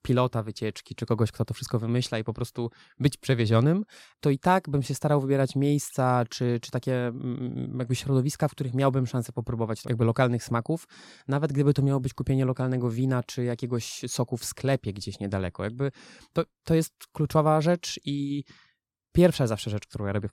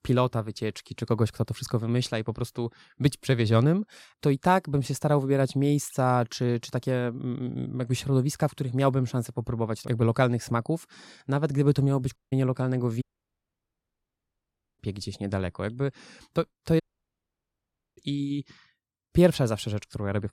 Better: first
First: none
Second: audio cutting out; at 12 s, at 13 s for 2 s and at 17 s for 1 s

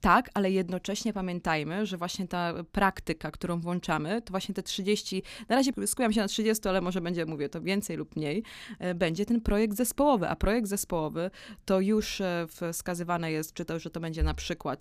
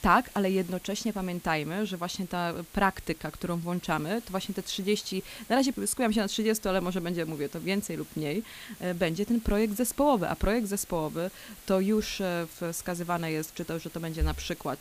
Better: first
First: none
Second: hiss; noticeable; throughout; 20 dB below the speech

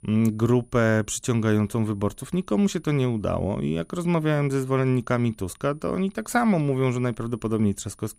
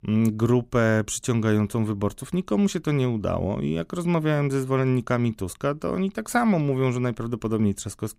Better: second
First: high-pitched whine; faint; throughout; 9.5 kHz, 35 dB below the speech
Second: none

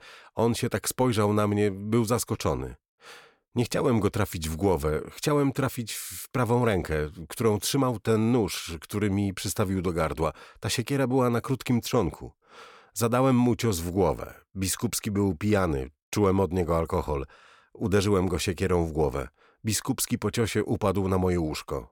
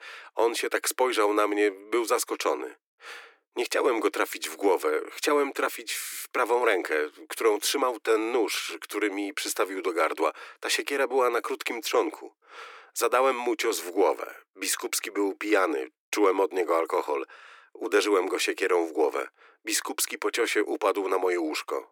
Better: first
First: none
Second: thin; very; fading below 300 Hz

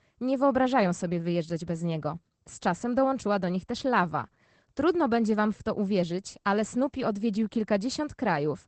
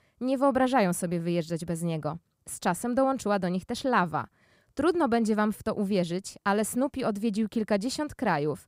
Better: second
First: garbled, watery; badly; nothing above 8 kHz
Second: none

